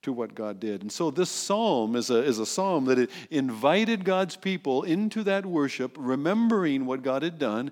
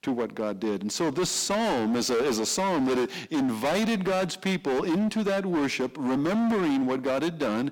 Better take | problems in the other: first | distortion; heavy; 26% of the sound clipped

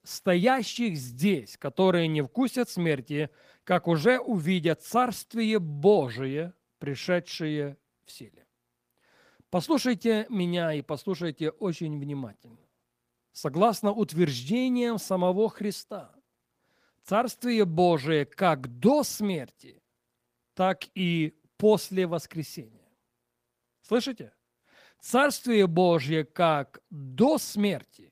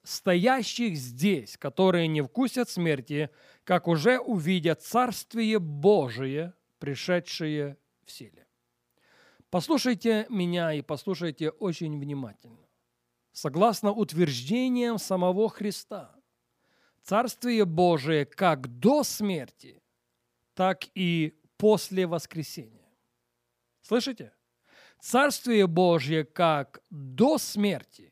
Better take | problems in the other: second | garbled, watery; slightly; nothing above 15 kHz

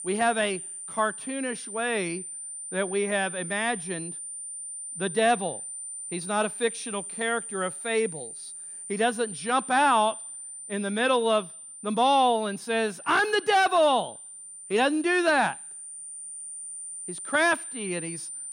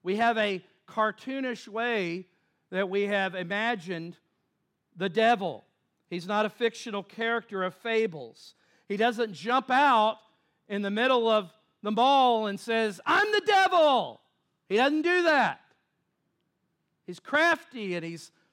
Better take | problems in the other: second | high-pitched whine; noticeable; throughout; 9 kHz, 10 dB below the speech

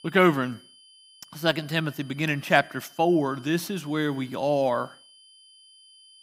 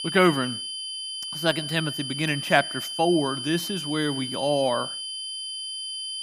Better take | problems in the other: first | high-pitched whine; loud; throughout; 3 kHz, 5 dB below the speech; faint in the first

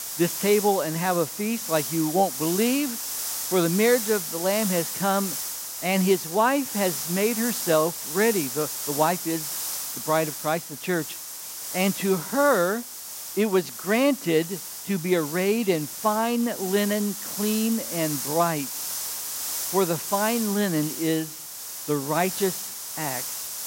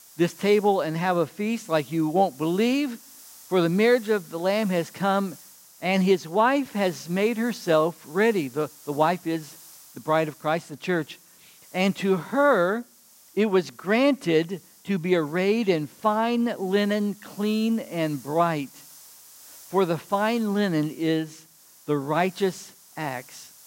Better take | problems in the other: second | hiss; loud; throughout; 5 dB below the speech; faint in the second

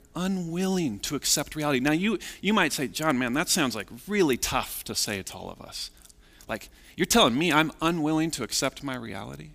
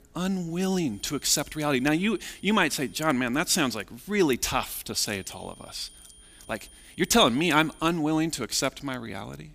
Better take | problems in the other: first | high-pitched whine; faint; from 1 to 3 s and from 5 to 8 s; 9.5 kHz, 25 dB below the speech

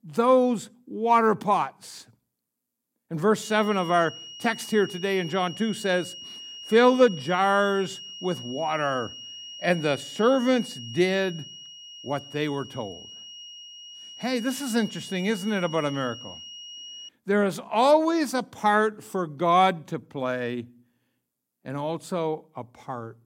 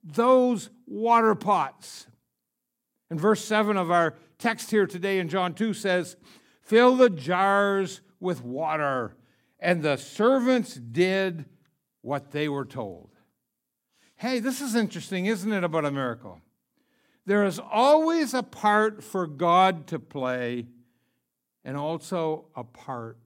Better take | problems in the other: second | high-pitched whine; noticeable; from 3.5 to 17 s; 3 kHz, 15 dB below the speech

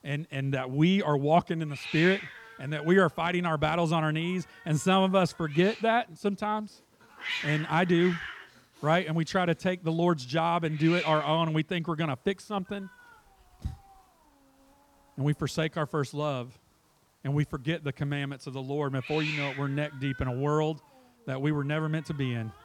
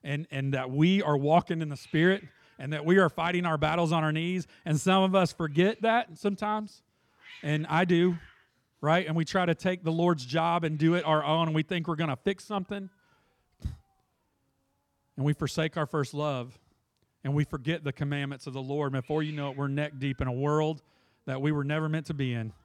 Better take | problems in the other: second | hiss; loud; throughout; 9 dB below the speech; faint in the second

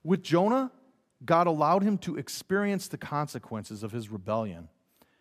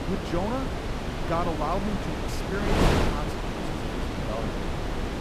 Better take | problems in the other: first | wind noise on the microphone; heavy; 1 dB above the speech

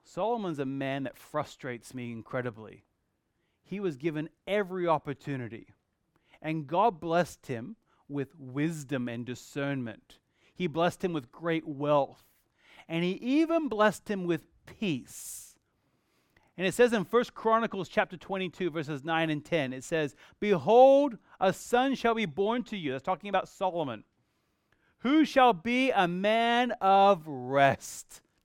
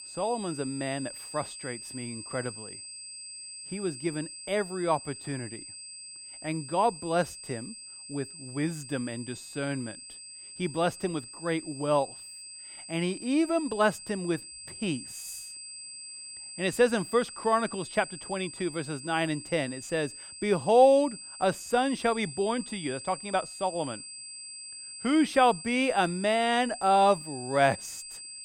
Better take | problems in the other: first | high-pitched whine; noticeable; throughout; 8 kHz, 10 dB below the speech

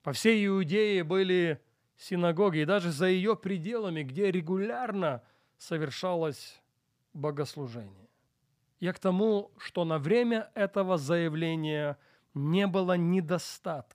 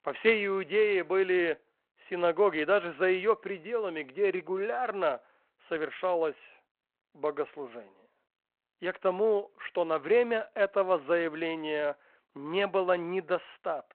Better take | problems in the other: first | phone-call audio

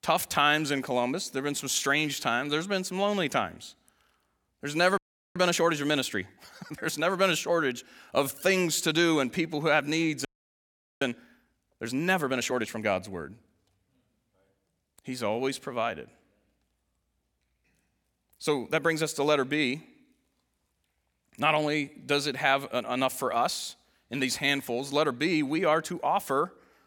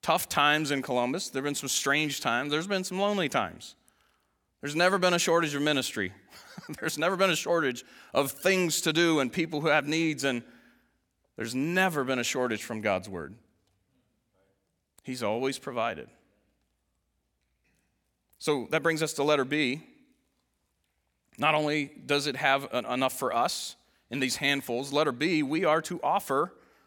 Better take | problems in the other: second | audio freezing; at 5 s and at 10 s for 1 s

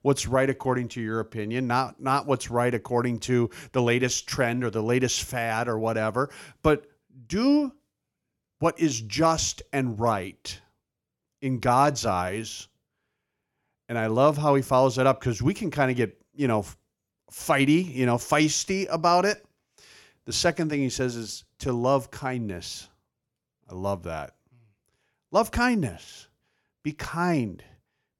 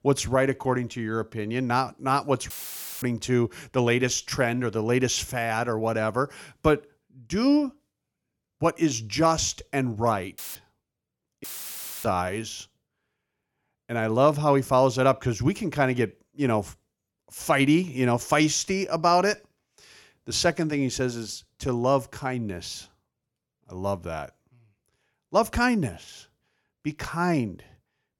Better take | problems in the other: first | audio cutting out; filled with static; at 2.5 s for 0.5 s, at 10 s and at 11 s for 0.5 s

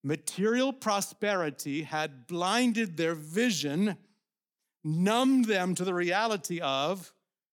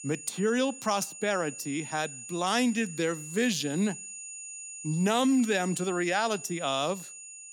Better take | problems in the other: first | high-pitched whine; noticeable; throughout; 7 kHz, 10 dB below the speech

